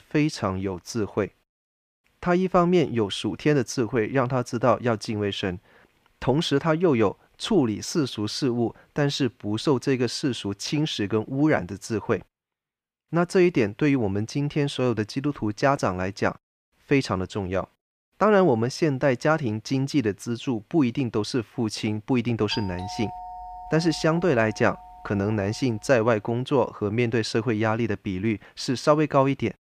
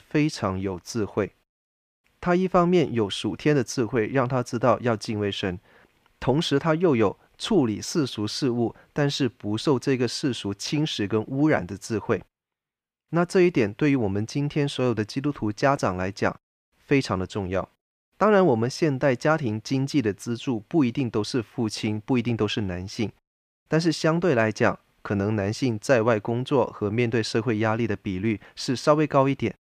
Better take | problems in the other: second | doorbell; faint; from 23 to 26 s; peak 10 dB below the speech

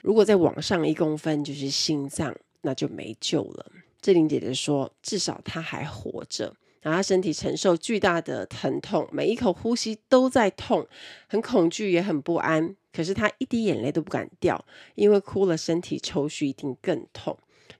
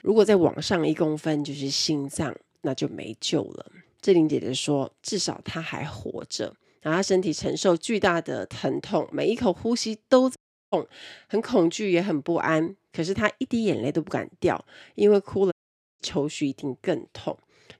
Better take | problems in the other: first | audio cutting out; at 10 s and at 16 s

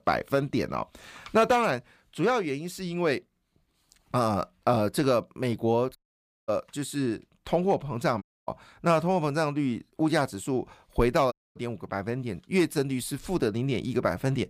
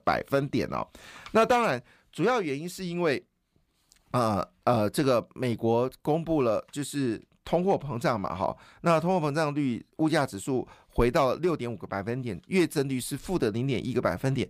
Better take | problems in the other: second | audio cutting out; at 6 s for 0.5 s, at 8 s and at 11 s

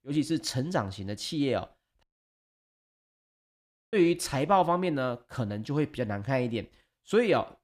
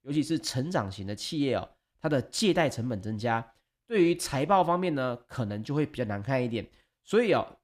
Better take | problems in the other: second | audio cutting out; at 2 s for 2 s

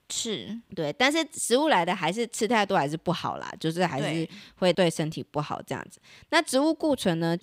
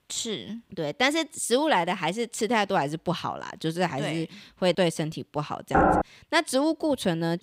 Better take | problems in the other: first | door banging; loud; at 5.5 s; peak 5 dB above the speech

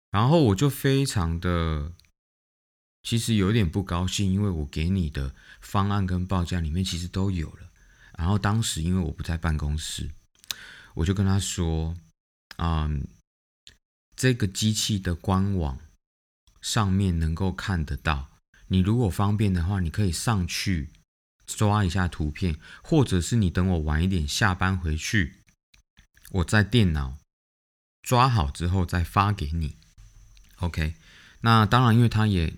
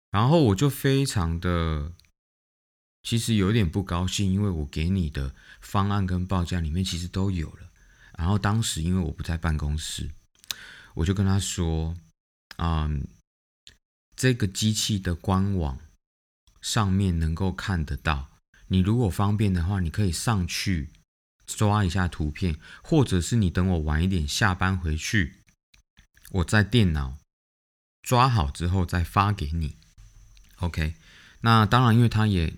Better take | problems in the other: neither | none

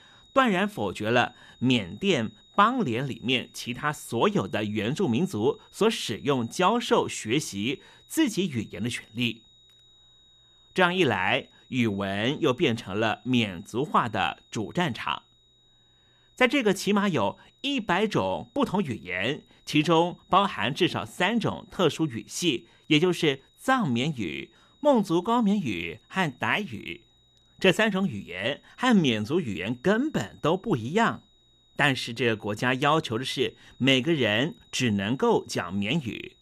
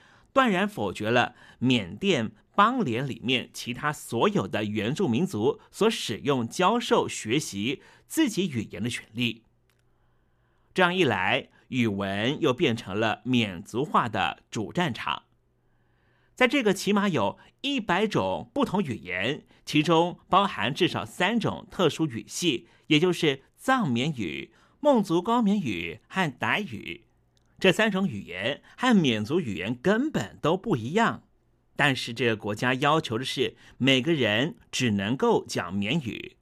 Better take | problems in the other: second | high-pitched whine; faint; throughout; 4 kHz, 30 dB below the speech

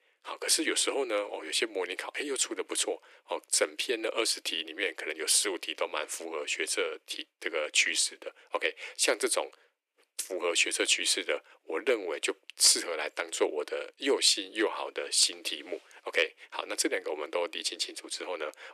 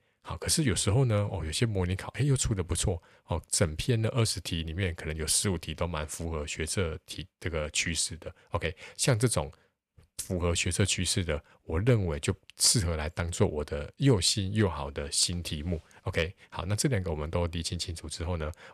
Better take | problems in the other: second | thin; very; fading below 300 Hz

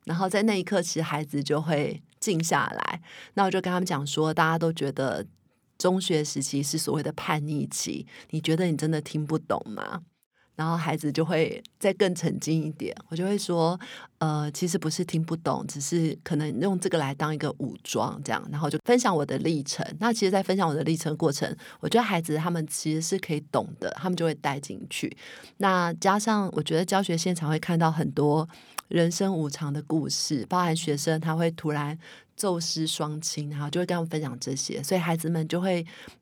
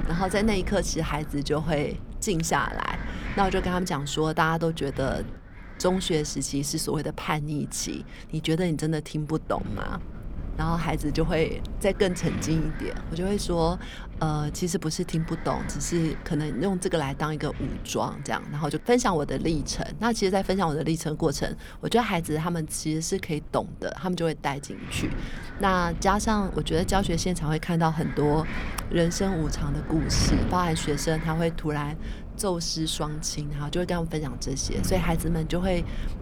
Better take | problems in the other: first | wind noise on the microphone; occasional gusts; 15 dB below the speech

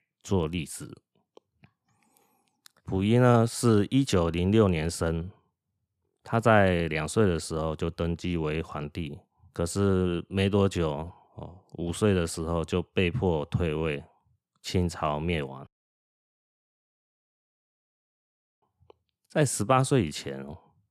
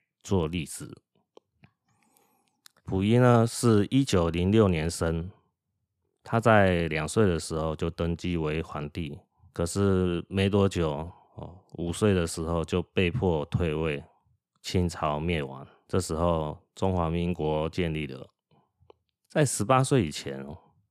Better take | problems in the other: second | audio cutting out; at 16 s for 3 s

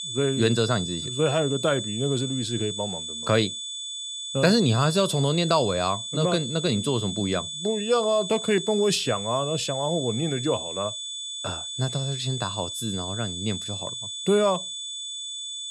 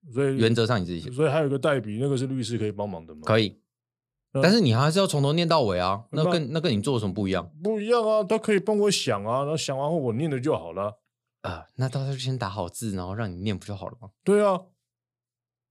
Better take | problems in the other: second | high-pitched whine; loud; throughout; 3.5 kHz, 6 dB below the speech

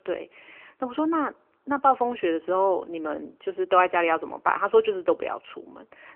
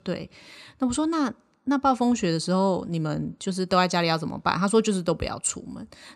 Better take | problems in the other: second | phone-call audio; nothing above 3 kHz

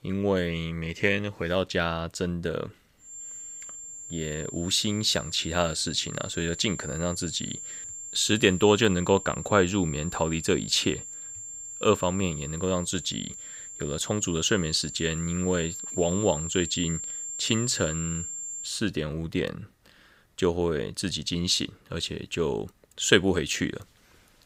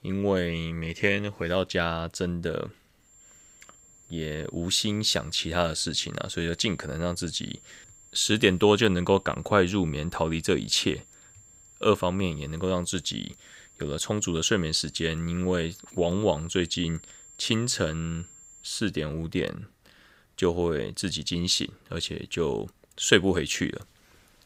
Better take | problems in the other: second | high-pitched whine; loud; from 3 to 19 s; 7.5 kHz, 9 dB below the speech; faint in the second

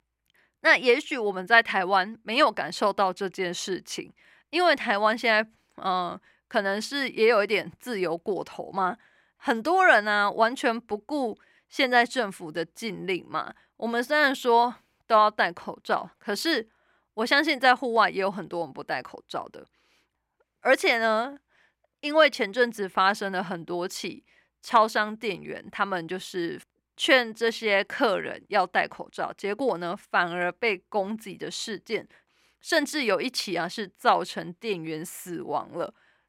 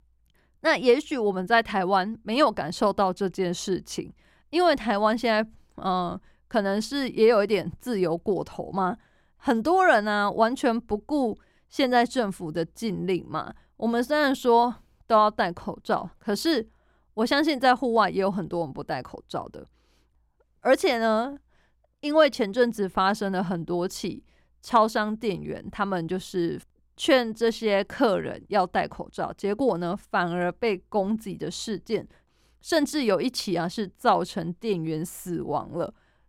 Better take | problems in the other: second | thin; very slightly; fading below 400 Hz

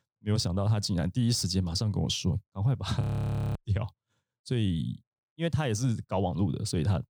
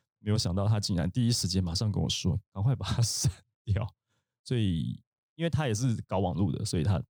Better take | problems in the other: second | audio freezing; at 3 s for 0.5 s

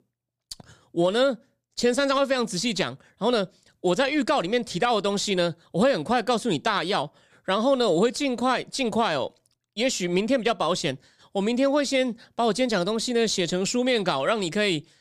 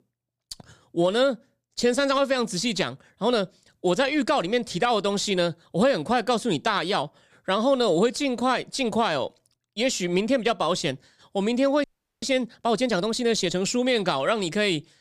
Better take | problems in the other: first | audio freezing; at 12 s

